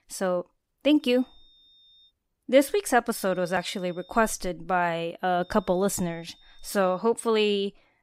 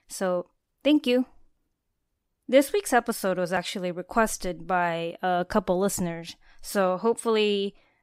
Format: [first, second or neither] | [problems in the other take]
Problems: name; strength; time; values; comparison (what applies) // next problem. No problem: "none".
second | high-pitched whine; faint; from 1 to 2 s, from 3 to 4.5 s and from 5.5 to 7 s; 3.5 kHz, 30 dB below the speech